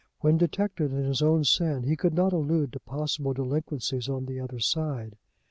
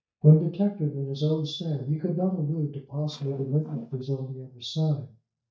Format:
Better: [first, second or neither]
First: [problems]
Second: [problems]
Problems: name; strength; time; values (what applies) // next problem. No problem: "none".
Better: first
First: none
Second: noise reduction (neural mask model DeepFilterNet 3)